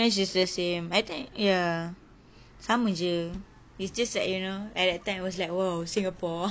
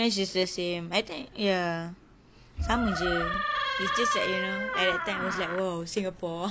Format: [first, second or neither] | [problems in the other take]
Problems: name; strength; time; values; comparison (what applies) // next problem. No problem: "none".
first | background sound (Door); as loud as the speech